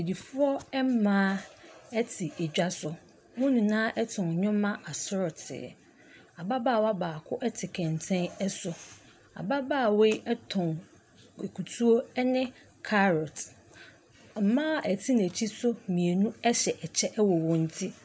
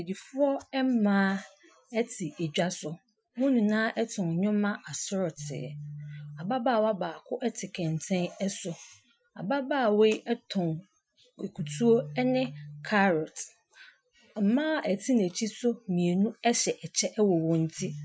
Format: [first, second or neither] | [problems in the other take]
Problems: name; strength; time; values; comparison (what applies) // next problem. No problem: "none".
first | noise reduction (classical method Wiener filter)